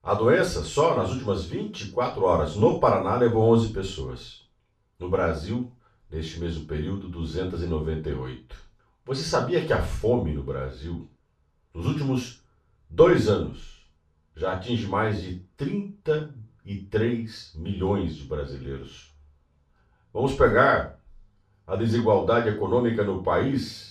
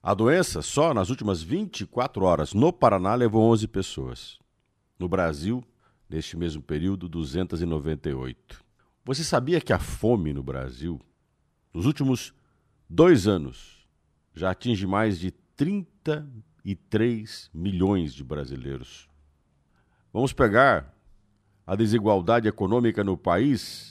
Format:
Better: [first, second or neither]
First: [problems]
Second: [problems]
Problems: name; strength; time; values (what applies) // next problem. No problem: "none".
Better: second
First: room echo; noticeable; dies away in 0.3 s // off-mic speech; far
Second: none